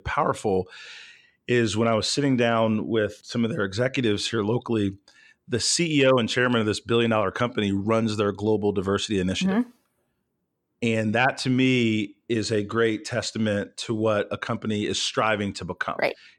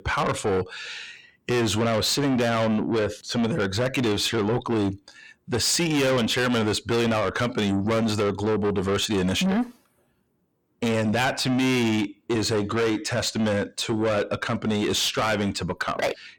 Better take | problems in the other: first | distortion; heavy; 7 dB below the speech

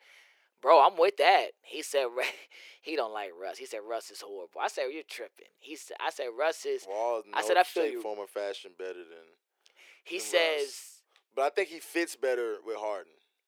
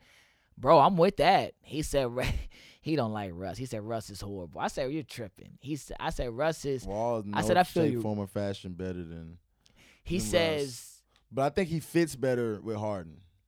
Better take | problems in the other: second | thin; very; fading below 400 Hz

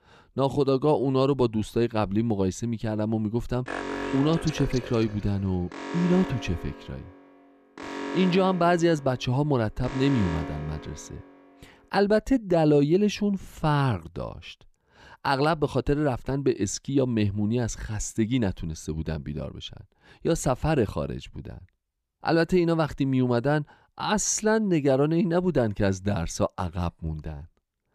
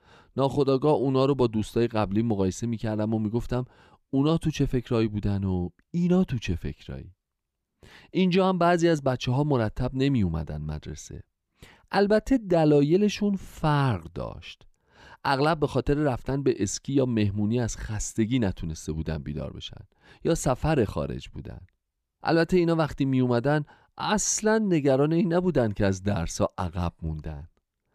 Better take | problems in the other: second | alarm; noticeable; from 3.5 to 11 s; peak 6 dB below the speech

